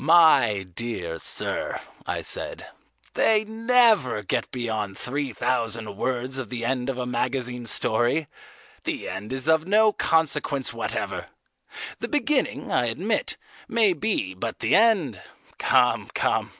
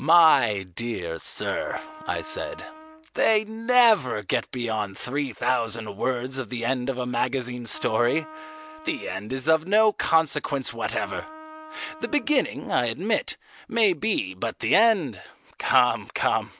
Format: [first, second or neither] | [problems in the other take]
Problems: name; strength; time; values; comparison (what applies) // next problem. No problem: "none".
first | background sound (Trumpet); 18 dB below the speech